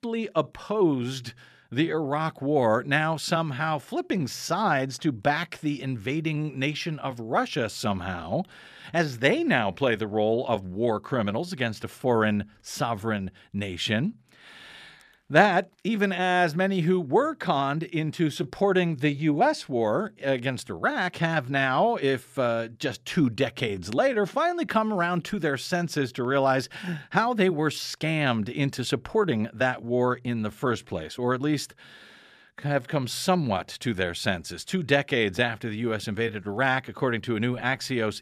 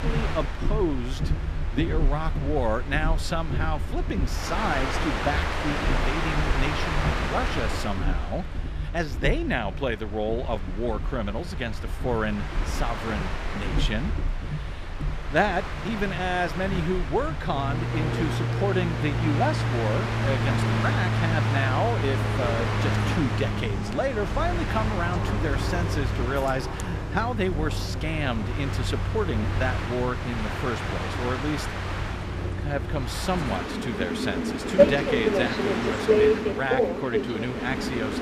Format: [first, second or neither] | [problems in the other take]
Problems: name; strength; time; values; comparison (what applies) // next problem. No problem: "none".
first | train or aircraft noise; very loud; throughout; 2 dB above the speech